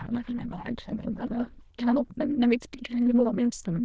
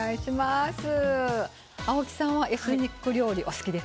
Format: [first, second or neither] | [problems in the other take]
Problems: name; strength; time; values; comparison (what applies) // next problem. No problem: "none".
second | noise reduction (neural diffusion model UNIVERSE++)